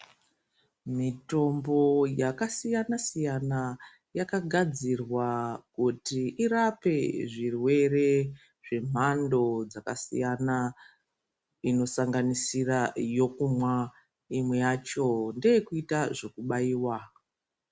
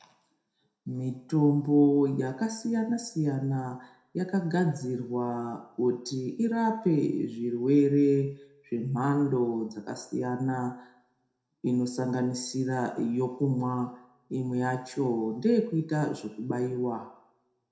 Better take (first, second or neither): first